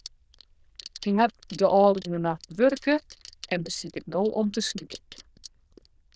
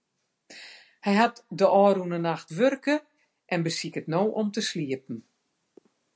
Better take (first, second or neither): second